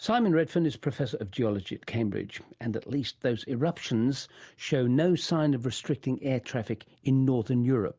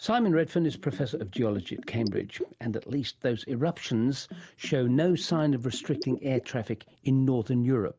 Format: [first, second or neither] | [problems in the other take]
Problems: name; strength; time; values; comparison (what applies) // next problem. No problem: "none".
first | background sound (Bathtub (filling or washing)); 14 dB below the speech